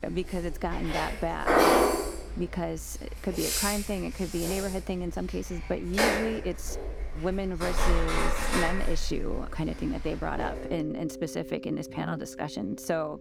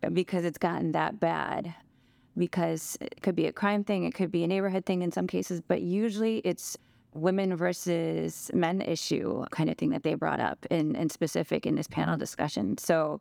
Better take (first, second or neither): second